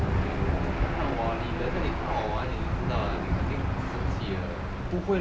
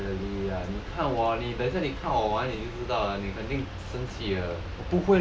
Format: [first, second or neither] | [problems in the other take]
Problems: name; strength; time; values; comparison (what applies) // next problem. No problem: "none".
second | background sound (Engine / Aircraft); 4 dB above the speech